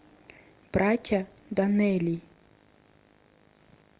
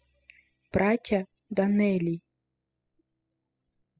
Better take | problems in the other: first | noise reduction (classical method spectral subtraction)

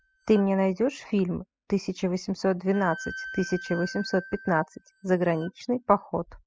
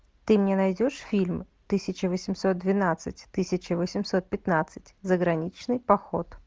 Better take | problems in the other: second | noise reduction (classical method spectral subtraction)

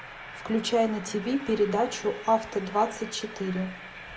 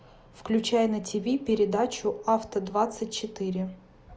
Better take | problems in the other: second | background sound (Train); 14 dB below the speech // room echo; dies away in 0.4 s

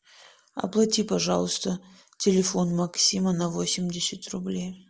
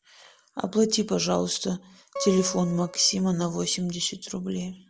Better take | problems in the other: first | background sound (Acoustic guitar); 12 dB below the speech

